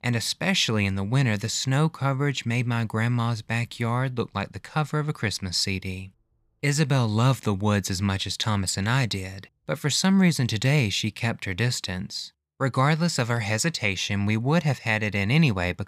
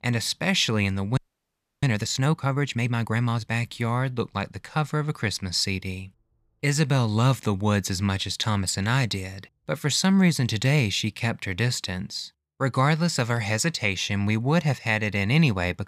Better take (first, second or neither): first